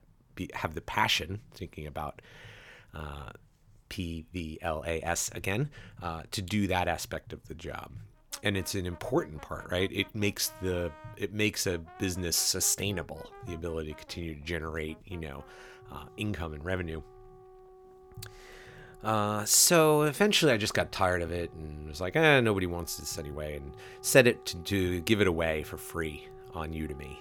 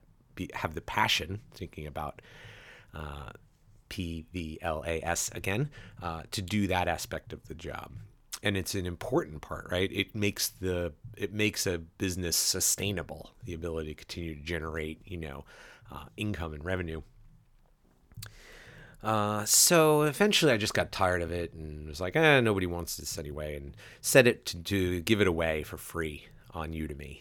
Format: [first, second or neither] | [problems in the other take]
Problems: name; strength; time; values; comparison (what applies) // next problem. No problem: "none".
second | background music; faint; from 8.5 s on; 25 dB below the speech